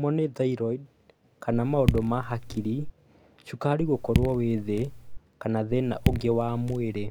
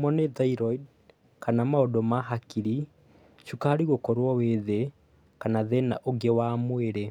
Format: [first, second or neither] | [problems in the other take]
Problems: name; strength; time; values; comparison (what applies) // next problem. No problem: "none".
second | background sound (Raindrop / Drip); 3 dB below the speech